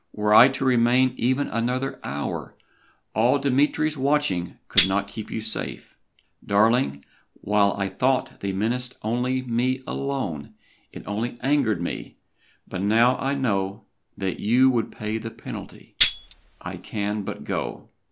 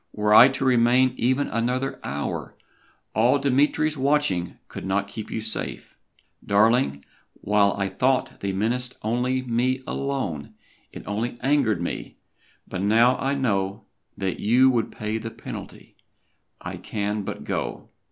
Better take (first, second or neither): second